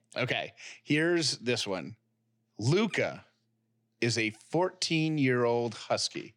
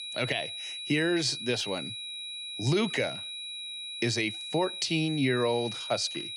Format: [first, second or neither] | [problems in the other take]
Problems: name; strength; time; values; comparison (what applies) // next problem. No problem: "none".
first | high-pitched whine; loud; throughout; 4 kHz, 6 dB below the speech